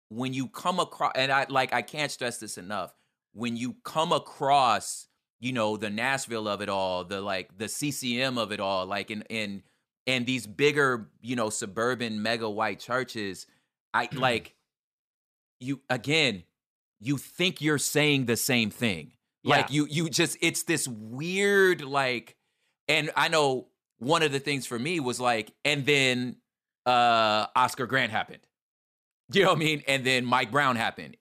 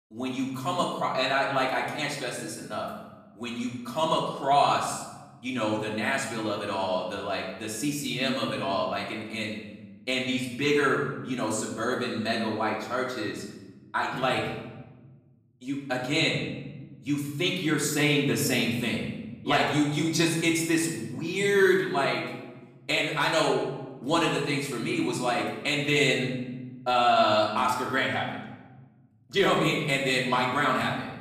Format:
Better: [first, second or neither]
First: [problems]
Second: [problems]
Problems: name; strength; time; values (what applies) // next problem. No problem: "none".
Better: first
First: none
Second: room echo; noticeable; dies away in 1 s // off-mic speech; far